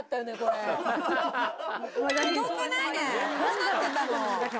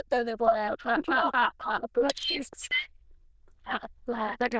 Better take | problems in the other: first | noise reduction (neural diffusion model UNIVERSE++)

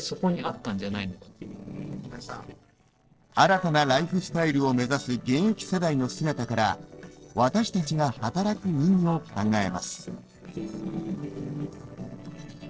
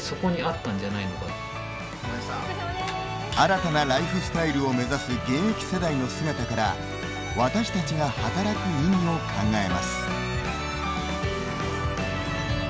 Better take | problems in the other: second | noise reduction (neural separator model SepFormer DNS4)

